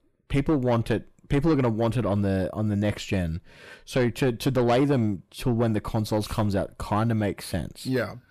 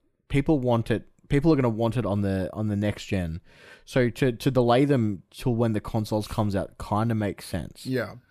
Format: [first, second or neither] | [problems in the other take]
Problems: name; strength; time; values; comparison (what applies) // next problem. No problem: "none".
second | distortion; slight; 10 dB below the speech